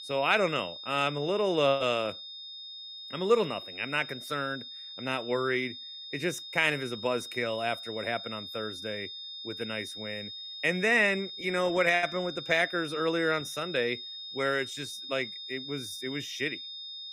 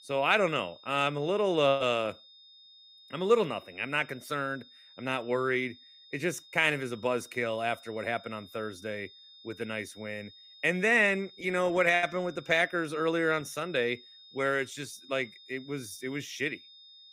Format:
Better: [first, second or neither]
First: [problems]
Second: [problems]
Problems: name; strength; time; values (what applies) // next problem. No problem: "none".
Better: second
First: high-pitched whine; loud; throughout; 3.5 kHz, 9 dB below the speech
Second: high-pitched whine; faint; throughout; 3.5 kHz, 20 dB below the speech